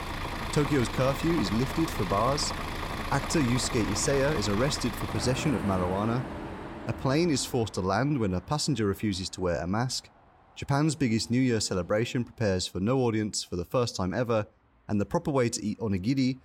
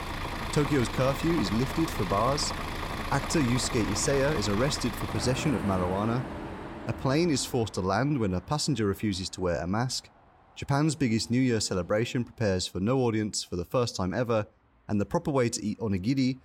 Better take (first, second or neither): neither